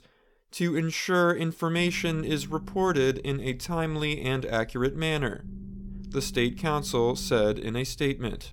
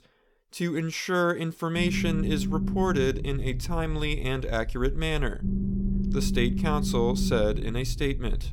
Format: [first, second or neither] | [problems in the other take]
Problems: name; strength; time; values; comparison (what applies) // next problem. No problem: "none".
first | low rumble; loud; from 2 s on; 9 dB below the speech; faint in the first